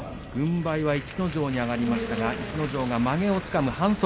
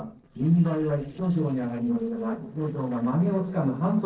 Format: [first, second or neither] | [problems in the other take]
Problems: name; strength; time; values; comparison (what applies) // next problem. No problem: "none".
first | noise reduction (neural separator model SepFormer DNS4)